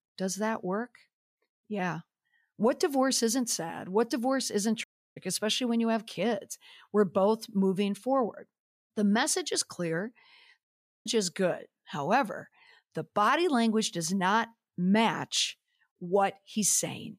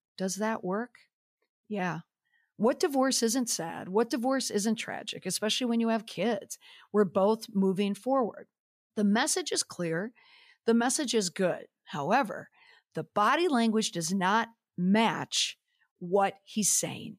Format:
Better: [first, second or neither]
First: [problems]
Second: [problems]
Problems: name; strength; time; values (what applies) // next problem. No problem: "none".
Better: second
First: audio cutting out; at 5 s and at 11 s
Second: none